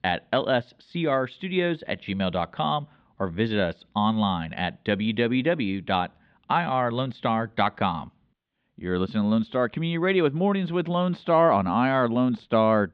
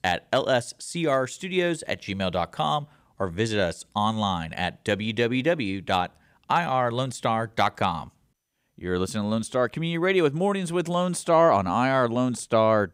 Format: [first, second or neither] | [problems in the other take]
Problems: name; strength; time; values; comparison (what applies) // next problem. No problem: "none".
second | muffled; slightly; fading above 3.5 kHz